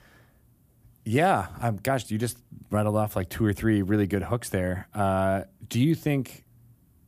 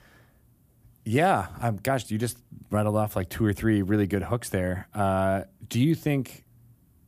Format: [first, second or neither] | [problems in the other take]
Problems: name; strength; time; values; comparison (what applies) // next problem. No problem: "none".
neither | none